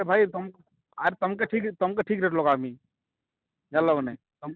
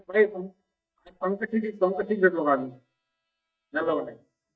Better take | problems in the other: first | noise reduction (neural mask model DeepFilterNet 3)

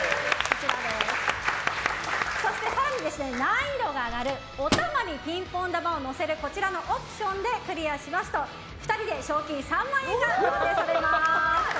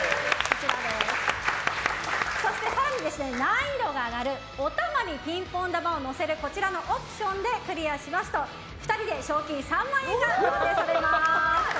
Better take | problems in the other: second | background sound (Microwave oven); 9 dB below the speech

